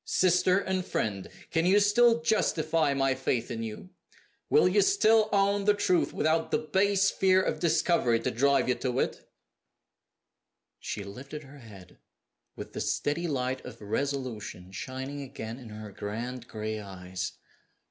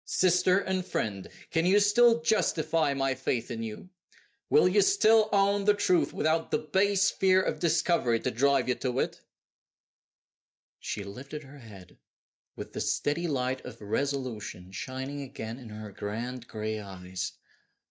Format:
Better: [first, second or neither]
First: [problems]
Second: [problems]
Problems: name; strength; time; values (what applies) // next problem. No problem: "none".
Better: first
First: none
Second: noise reduction (neural mask model DeepFilterNet 3)